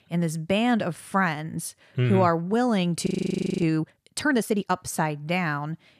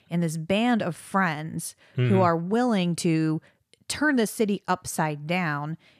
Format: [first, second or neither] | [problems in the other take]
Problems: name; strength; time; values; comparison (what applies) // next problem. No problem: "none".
second | audio freezing; at 3 s for 0.5 s